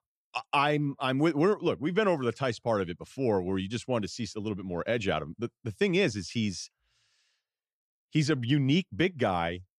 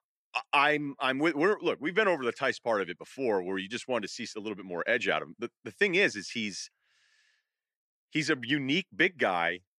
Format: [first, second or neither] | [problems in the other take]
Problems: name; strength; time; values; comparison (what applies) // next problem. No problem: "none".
first | thin; somewhat; fading below 300 Hz